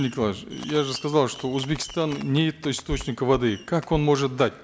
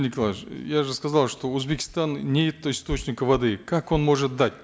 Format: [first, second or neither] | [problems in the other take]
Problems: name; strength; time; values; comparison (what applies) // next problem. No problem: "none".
second | background sound (Fireworks); 20 dB below the speech